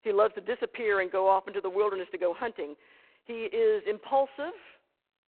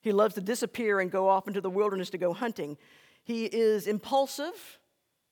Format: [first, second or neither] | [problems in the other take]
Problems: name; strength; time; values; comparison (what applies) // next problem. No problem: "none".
second | phone-call audio; poor line; nothing above 4 kHz